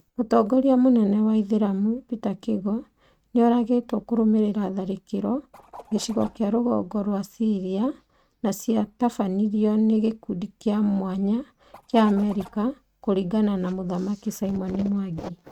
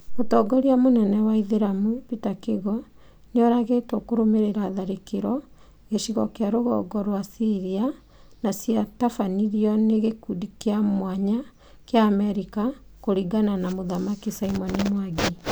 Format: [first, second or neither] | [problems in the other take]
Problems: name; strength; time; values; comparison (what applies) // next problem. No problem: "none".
second | noise reduction (neural mask model RNNoise)